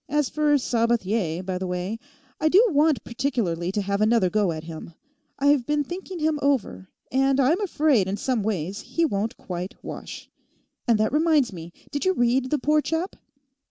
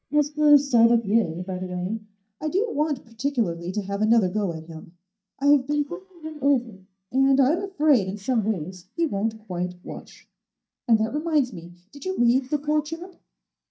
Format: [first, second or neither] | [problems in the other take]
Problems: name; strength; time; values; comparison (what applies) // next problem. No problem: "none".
first | noise reduction (neural mask model DeepFilterNet 3)